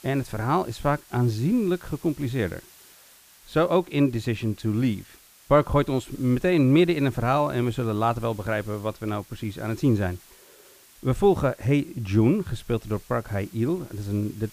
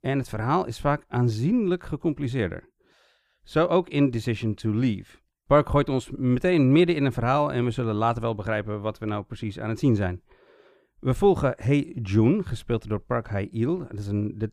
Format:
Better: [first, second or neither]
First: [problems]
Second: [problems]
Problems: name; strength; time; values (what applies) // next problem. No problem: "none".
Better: second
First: hiss; faint; throughout; 25 dB below the speech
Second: none